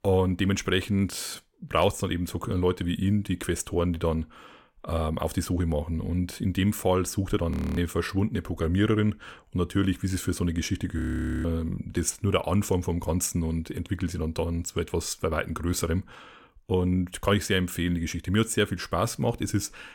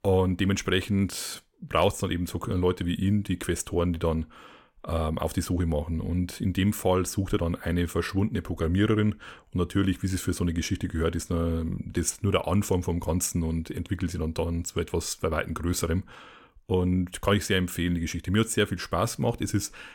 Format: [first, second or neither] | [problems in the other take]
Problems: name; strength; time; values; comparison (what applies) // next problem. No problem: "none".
second | audio freezing; at 7.5 s and at 11 s